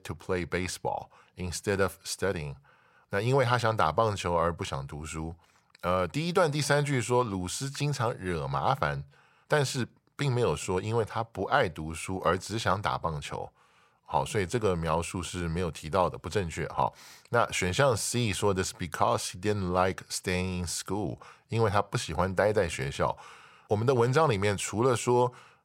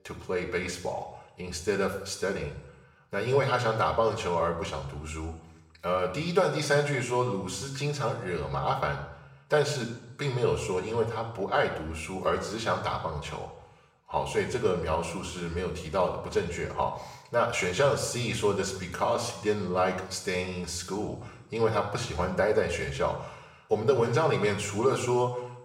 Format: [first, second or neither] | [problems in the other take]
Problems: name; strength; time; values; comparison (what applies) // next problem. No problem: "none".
first | room echo; slight; dies away in 0.8 s // off-mic speech; far